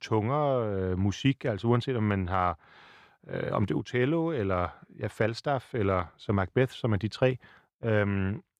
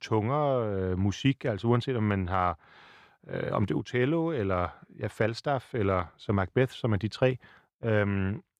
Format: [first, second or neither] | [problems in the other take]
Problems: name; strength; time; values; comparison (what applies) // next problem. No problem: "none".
neither | none